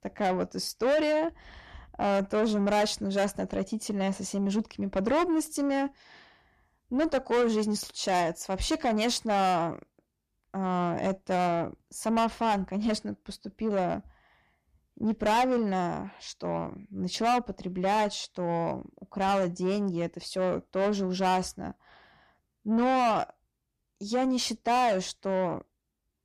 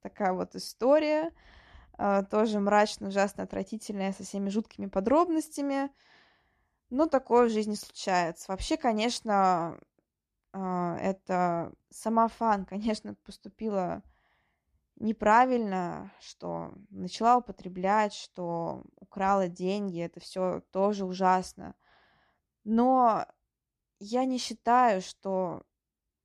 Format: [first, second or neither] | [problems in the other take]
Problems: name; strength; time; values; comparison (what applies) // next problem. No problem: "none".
second | distortion; heavy; 7 dB below the speech